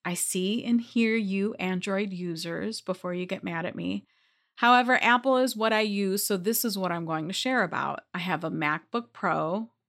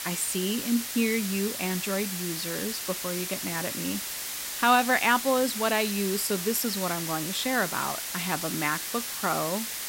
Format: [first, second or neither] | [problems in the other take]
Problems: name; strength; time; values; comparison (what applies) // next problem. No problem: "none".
first | hiss; loud; throughout; 3 dB below the speech